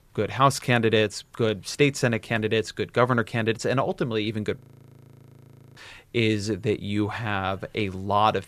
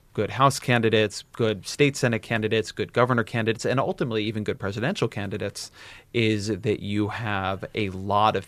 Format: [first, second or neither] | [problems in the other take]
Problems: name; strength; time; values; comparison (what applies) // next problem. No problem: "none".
second | audio freezing; at 4.5 s for 1 s